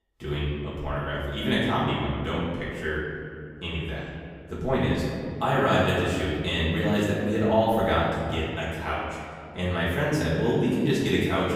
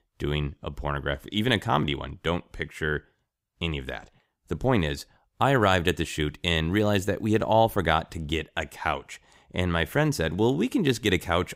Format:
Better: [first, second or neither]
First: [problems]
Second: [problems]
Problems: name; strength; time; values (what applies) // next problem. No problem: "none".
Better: second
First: off-mic speech; far // room echo; noticeable; dies away in 2.1 s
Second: none